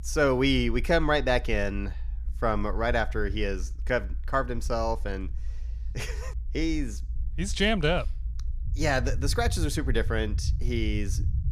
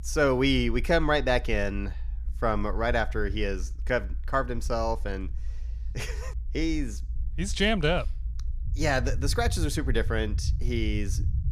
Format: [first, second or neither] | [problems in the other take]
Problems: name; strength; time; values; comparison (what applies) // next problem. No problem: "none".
neither | low rumble; faint; throughout; 25 dB below the speech; the same in both